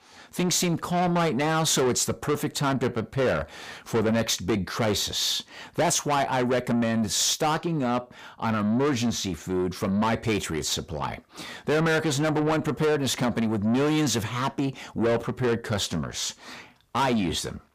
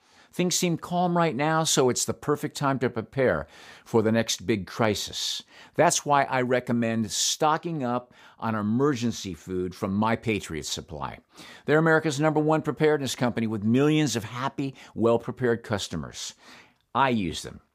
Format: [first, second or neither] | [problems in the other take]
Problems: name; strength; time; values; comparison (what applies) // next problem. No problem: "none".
second | distortion; heavy; 7 dB below the speech